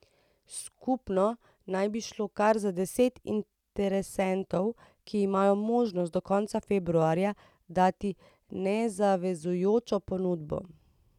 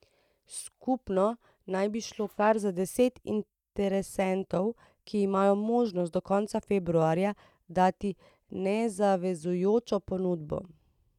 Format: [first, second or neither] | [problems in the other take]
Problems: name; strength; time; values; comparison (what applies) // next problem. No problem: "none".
first | noise reduction (neural mask model DeepFilterNet 3)